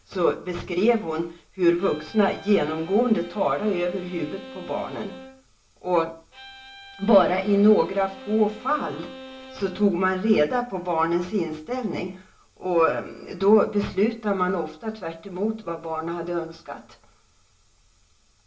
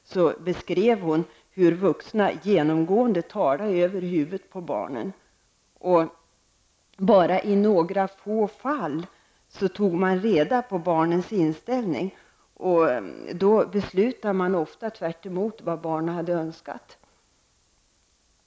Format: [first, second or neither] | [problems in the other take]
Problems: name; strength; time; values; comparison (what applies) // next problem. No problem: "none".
second | background sound (Bowed string instrument); 18 dB below the speech // room echo; dies away in 0.2 s